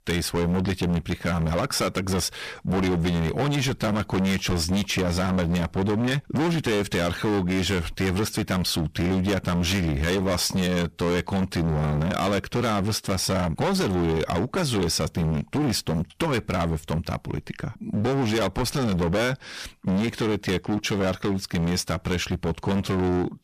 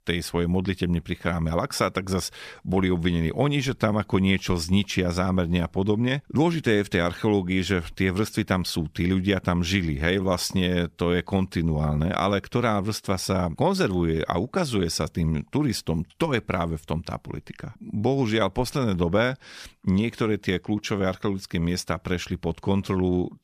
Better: second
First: distortion; heavy; 25% of the sound clipped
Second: none

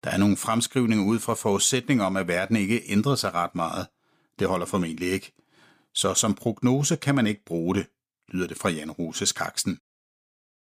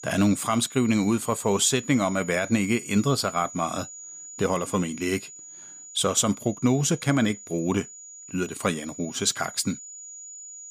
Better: first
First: none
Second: high-pitched whine; noticeable; throughout; 7 kHz, 15 dB below the speech

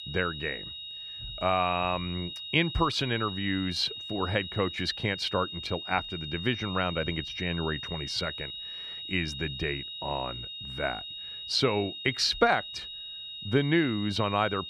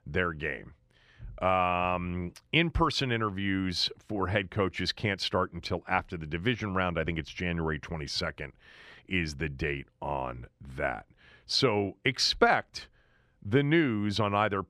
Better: second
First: high-pitched whine; loud; throughout; 4 kHz, 8 dB below the speech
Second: none

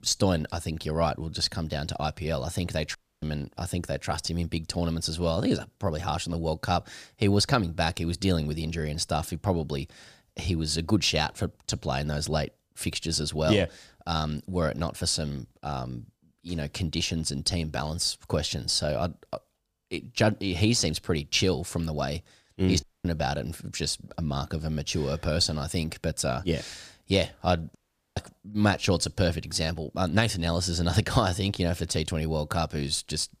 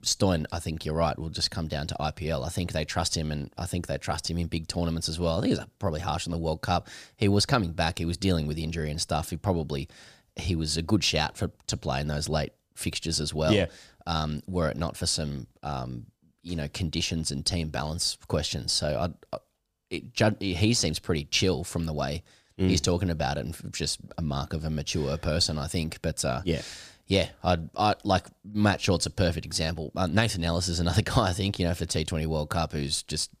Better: second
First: audio cutting out; at 3 s, at 23 s and at 28 s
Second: none

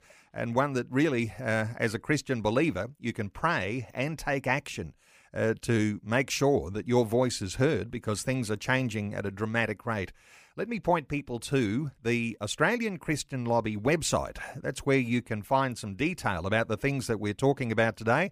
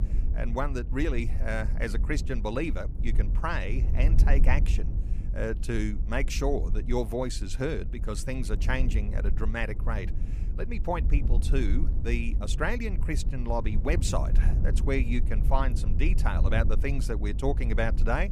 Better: first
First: none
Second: low rumble; noticeable; throughout; 15 dB below the speech

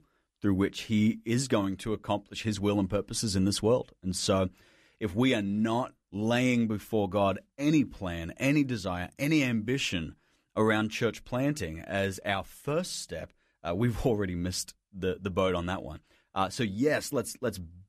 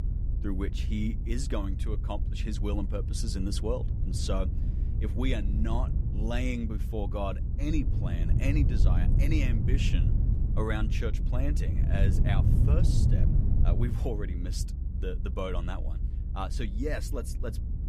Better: first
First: none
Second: low rumble; loud; throughout; 6 dB below the speech

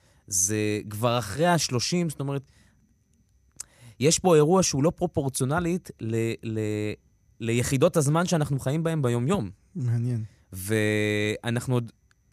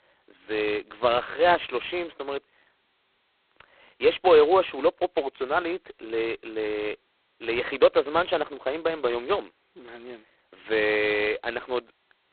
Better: first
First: none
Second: phone-call audio; poor line; nothing above 4 kHz

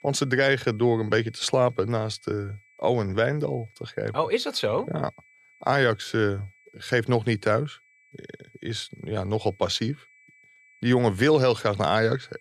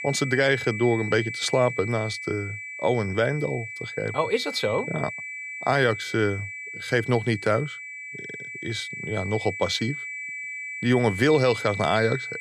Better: first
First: high-pitched whine; faint; throughout; 2.5 kHz, 30 dB below the speech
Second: high-pitched whine; loud; throughout; 2.5 kHz, 8 dB below the speech

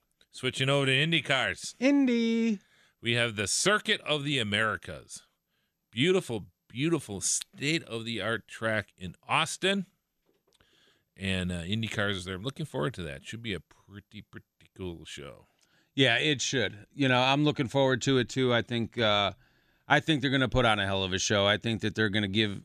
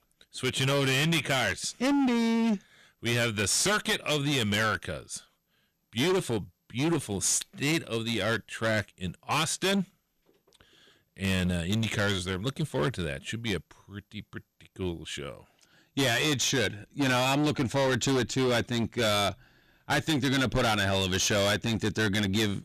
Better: first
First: none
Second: distortion; heavy; 16% of the sound clipped

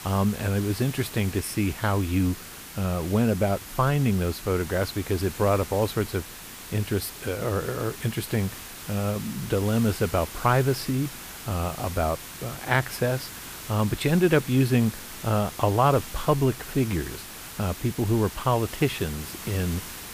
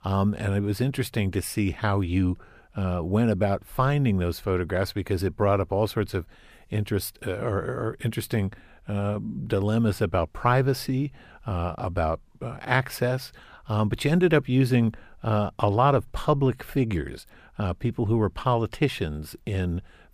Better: second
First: hiss; noticeable; throughout; 10 dB below the speech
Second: none

